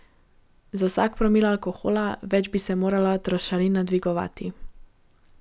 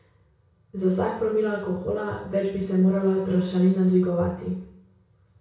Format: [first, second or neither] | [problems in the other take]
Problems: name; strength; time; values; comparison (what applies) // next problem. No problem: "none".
first | room echo; dies away in 0.6 s